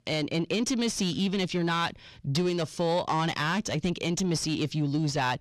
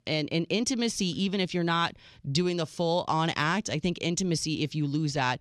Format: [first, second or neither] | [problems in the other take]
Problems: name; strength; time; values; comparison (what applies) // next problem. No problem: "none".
second | distortion; slight; 10 dB below the speech